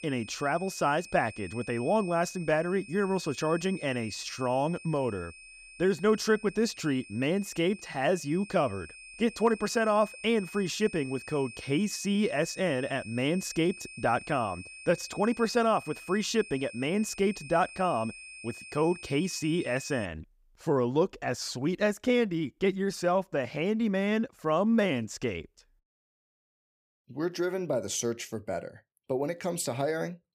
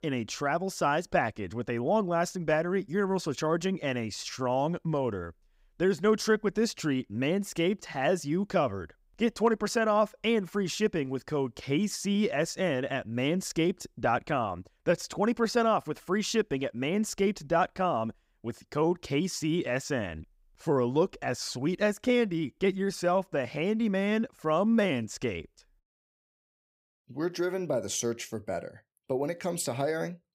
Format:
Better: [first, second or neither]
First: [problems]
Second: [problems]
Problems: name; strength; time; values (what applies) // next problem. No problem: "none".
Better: second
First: high-pitched whine; noticeable; until 20 s; 2.5 kHz, 15 dB below the speech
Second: none